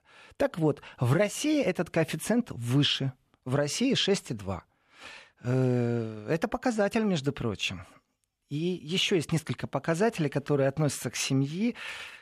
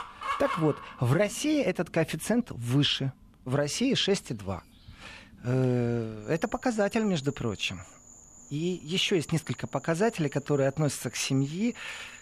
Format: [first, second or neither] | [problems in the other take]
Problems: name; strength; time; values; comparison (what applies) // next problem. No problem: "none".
first | animal sounds; noticeable; throughout; 15 dB below the speech